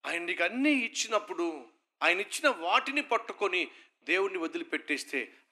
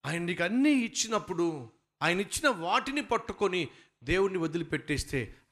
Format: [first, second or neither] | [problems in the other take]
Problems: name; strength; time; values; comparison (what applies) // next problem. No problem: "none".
second | thin; very slightly; fading below 250 Hz